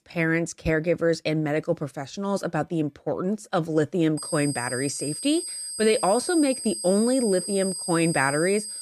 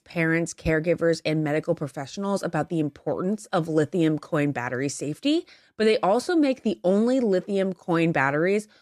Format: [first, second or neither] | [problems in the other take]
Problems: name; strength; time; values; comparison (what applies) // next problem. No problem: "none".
second | high-pitched whine; loud; from 4 s on; 8.5 kHz, 6 dB below the speech